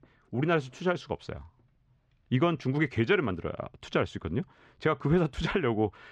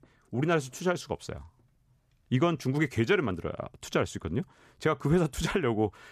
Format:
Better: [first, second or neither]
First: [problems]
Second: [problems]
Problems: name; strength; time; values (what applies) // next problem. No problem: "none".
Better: second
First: muffled; slightly; fading above 3 kHz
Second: none